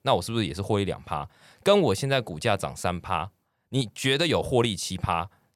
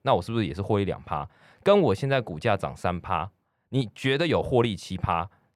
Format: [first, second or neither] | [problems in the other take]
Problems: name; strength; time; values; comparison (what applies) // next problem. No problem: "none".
first | muffled; slightly; fading above 3.5 kHz